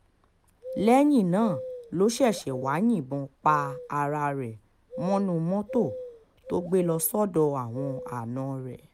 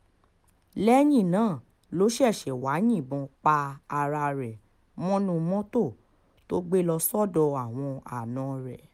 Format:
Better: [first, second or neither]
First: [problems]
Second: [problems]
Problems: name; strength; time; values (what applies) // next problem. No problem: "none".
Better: second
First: background sound (Bird vocalization, bird call, bird song); 14 dB below the speech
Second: none